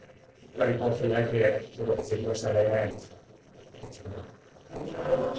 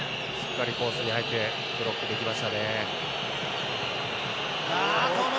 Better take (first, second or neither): second